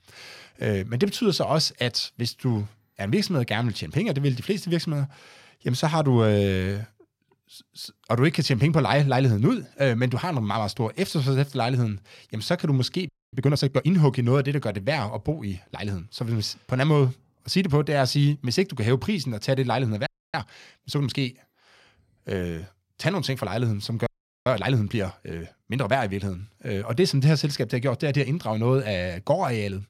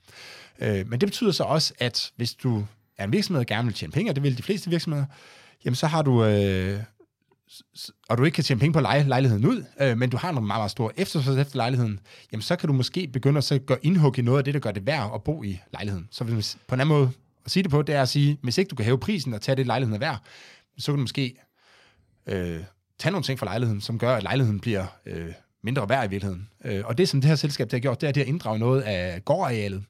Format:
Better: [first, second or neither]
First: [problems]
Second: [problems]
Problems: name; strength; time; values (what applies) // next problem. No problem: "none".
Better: second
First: audio freezing; at 13 s, at 20 s and at 24 s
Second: none